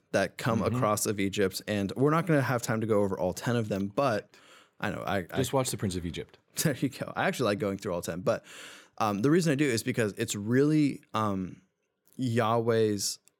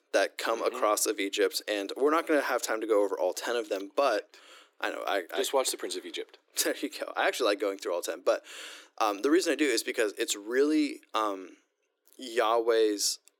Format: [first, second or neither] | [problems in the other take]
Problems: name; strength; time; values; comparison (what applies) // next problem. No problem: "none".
first | thin; somewhat; fading below 300 Hz